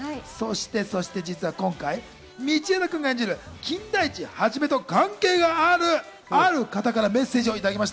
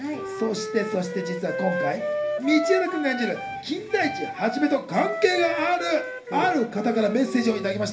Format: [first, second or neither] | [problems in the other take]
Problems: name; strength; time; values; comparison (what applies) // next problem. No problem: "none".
first | background sound (Wind instrument, woodwind instrument); 7 dB below the speech // room echo; dies away in 0.3 s